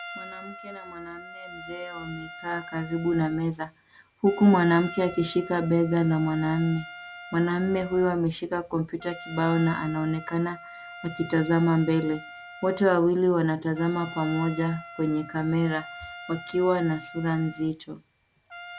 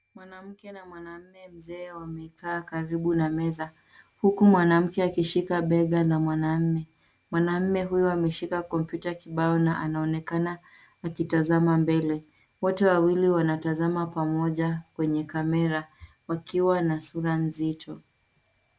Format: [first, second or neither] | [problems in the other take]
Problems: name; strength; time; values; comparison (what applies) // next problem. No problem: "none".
second | background sound (Trumpet); 16 dB below the speech